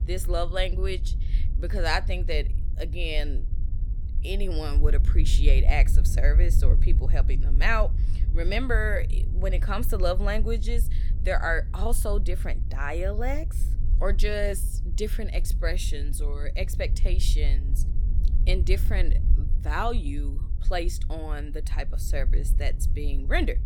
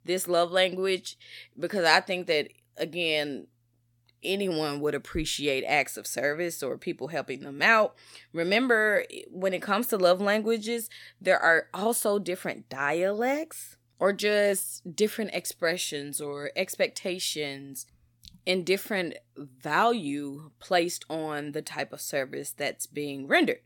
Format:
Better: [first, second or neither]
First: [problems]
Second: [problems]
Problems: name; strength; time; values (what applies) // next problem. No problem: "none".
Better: second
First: low rumble; noticeable; throughout; 15 dB below the speech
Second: none